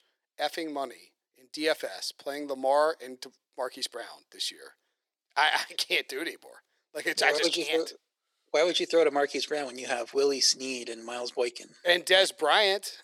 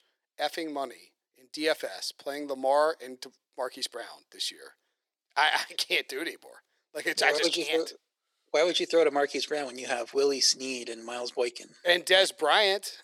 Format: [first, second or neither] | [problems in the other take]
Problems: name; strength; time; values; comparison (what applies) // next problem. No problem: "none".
neither | thin; somewhat; fading below 350 Hz; the same in both